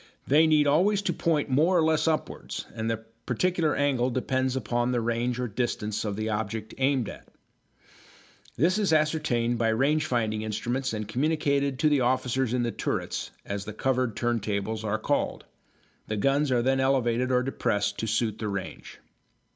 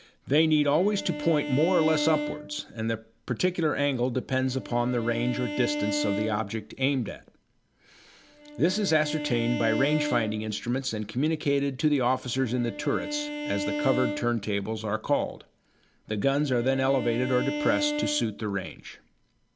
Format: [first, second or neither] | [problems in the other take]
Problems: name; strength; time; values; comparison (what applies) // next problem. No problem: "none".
first | background sound (Bowed string instrument); 8 dB below the speech